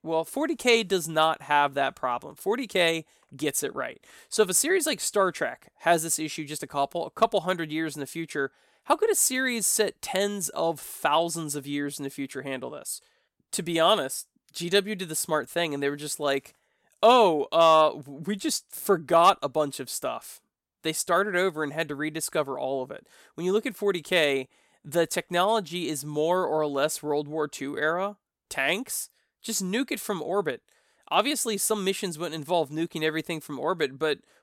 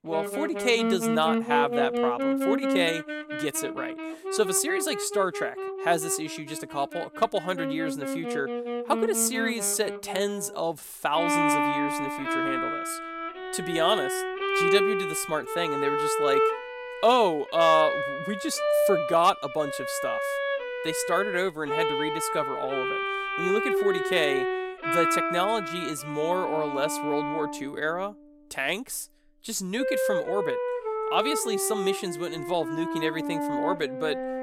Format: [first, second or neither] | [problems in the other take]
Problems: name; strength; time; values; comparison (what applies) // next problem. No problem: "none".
first | background music; loud; throughout; 1 dB below the speech